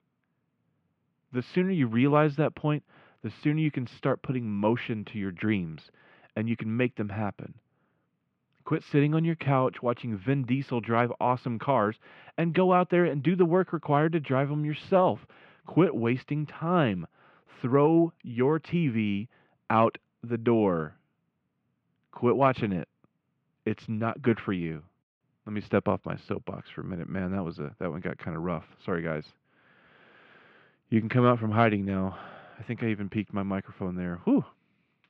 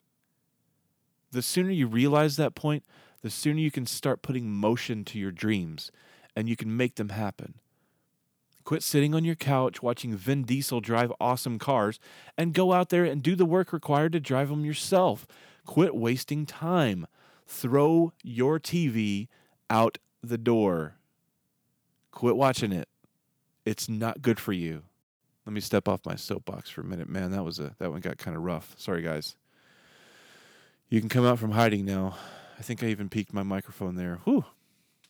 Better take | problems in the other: second | muffled; very; fading above 2.5 kHz

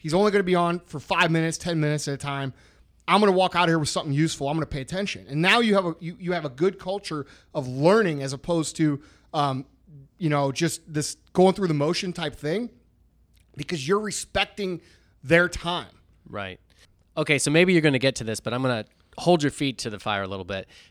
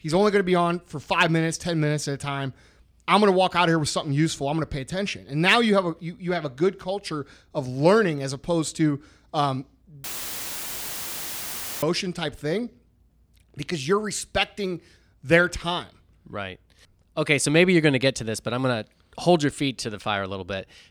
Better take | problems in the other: first | audio cutting out; filled with static; at 10 s for 2 s

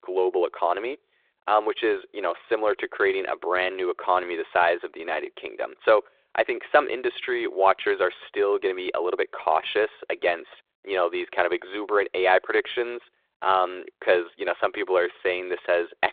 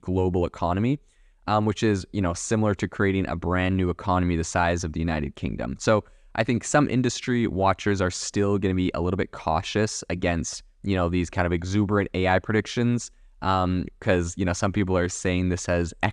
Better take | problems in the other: second | phone-call audio

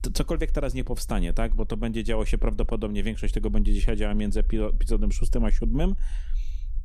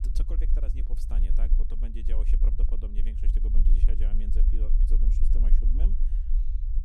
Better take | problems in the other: first | low rumble; loud; throughout; 2 dB below the speech; faint in the first

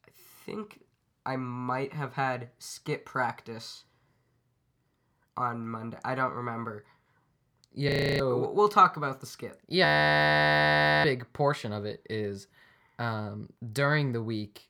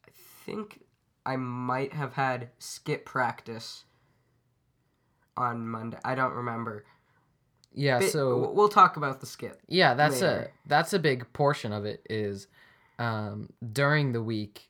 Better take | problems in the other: second | audio freezing; at 8 s and at 10 s for 1 s

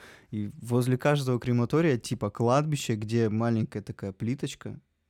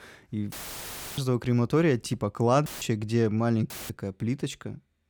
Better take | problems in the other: first | audio cutting out; filled with static; at 0.5 s for 0.5 s, at 2.5 s and at 3.5 s

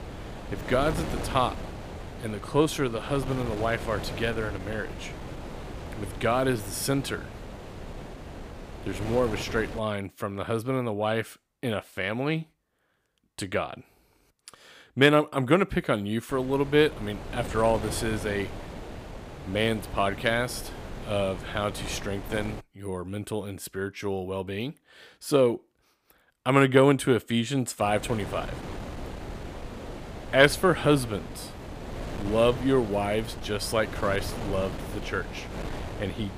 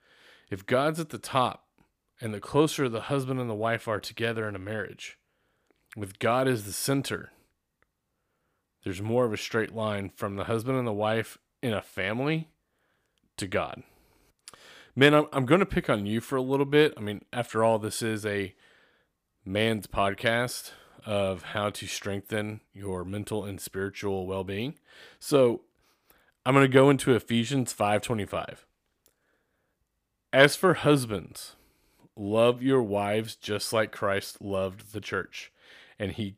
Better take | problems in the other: second | wind noise on the microphone; occasional gusts; until 10 s, from 16 to 23 s and from 28 s on; 15 dB below the speech

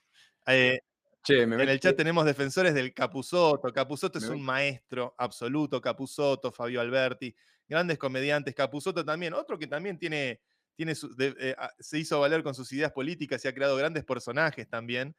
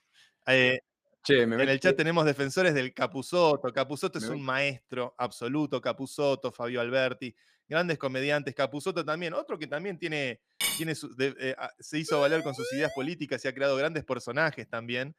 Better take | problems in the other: first | clattering dishes; noticeable; at 11 s; peak level with the speech // siren; noticeable; from 12 to 13 s; peak 8 dB below the speech

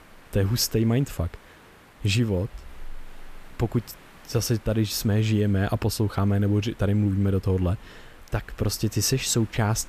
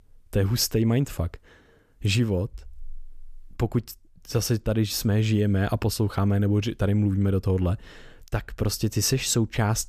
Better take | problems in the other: second | hiss; faint; throughout; 25 dB below the speech

